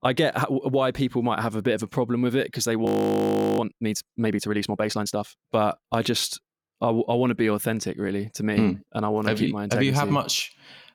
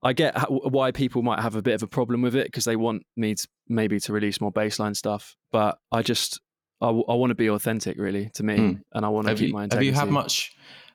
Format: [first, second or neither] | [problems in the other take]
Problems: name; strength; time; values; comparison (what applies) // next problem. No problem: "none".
second | audio freezing; at 3 s for 0.5 s